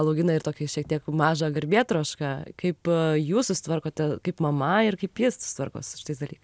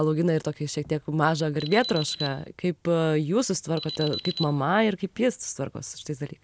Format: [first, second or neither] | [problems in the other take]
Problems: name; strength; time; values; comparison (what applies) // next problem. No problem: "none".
first | background sound (Alarm); 13 dB below the speech